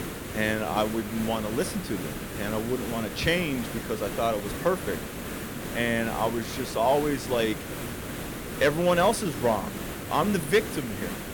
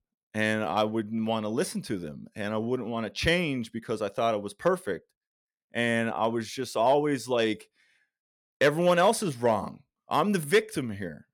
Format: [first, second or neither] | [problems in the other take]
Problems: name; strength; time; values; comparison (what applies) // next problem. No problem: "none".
second | hiss; loud; throughout; 7 dB below the speech